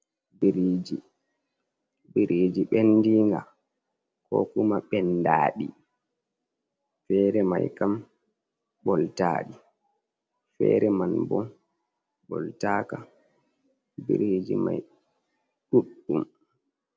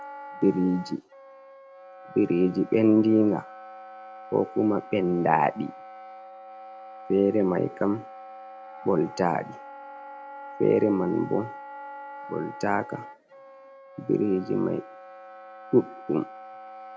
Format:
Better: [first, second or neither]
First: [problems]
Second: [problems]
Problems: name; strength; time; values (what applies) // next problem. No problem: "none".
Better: first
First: none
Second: background sound (Wind instrument, woodwind instrument); 16 dB below the speech